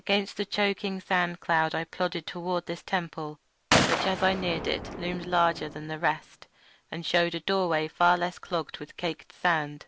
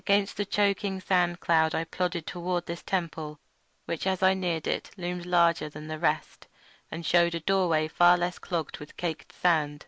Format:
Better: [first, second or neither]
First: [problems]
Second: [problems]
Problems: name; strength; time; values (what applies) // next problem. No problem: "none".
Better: second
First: background sound (Gunshot, gunfire); 2 dB below the speech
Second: none